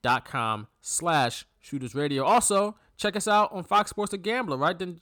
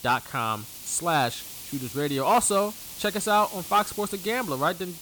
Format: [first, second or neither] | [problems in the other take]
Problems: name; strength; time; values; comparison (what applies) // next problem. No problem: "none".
first | hiss; noticeable; throughout; 10 dB below the speech